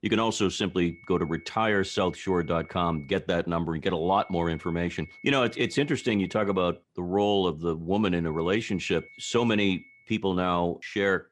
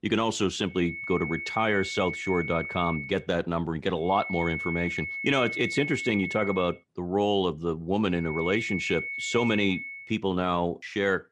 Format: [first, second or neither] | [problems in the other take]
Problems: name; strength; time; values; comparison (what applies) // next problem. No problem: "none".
first | high-pitched whine; loud; from 1 to 3 s, from 4 to 6.5 s and from 8 to 10 s; 2 kHz, 5 dB below the speech; faint in the first